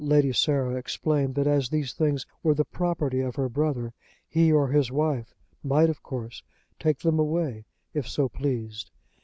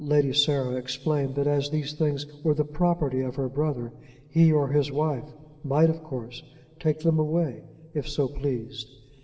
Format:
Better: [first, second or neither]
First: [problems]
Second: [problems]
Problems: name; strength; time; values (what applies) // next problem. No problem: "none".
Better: first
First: none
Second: room echo; dies away in 1.8 s